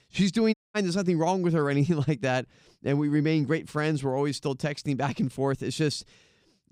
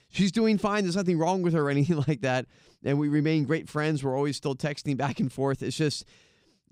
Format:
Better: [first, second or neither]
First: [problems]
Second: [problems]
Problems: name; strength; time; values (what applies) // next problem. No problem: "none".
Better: second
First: audio cutting out; at 0.5 s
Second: none